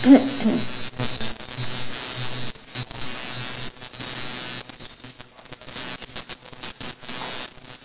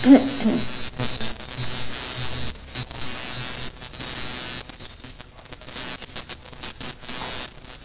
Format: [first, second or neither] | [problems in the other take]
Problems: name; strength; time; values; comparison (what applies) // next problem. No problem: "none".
first | background sound (Motor vehicle (road)); 19 dB below the speech